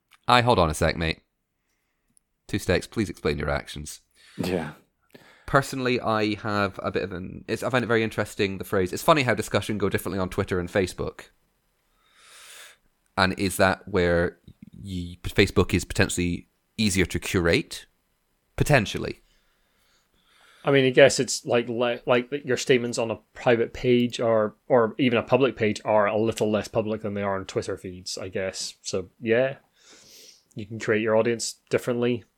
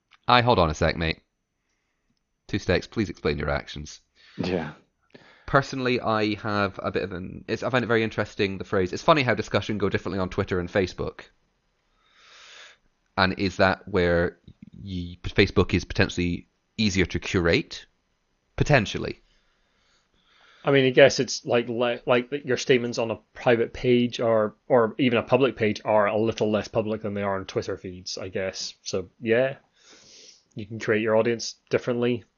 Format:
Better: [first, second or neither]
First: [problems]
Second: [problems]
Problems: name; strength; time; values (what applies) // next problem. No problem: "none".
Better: first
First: none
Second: garbled, watery; slightly; nothing above 6.5 kHz